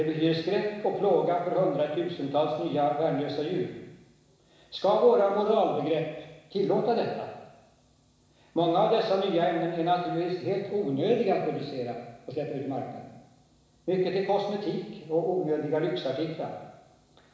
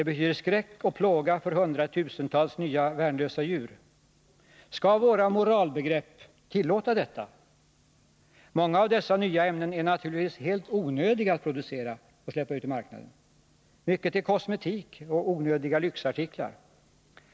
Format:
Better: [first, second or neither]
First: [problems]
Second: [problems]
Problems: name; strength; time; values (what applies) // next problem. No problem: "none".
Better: second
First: room echo; dies away in 1 s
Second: none